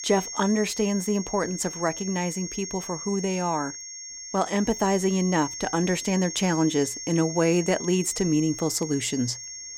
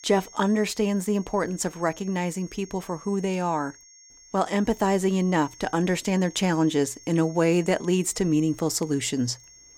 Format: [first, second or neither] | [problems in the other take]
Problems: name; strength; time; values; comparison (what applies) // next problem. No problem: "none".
second | high-pitched whine; loud; throughout; 6.5 kHz, 8 dB below the speech; faint in the second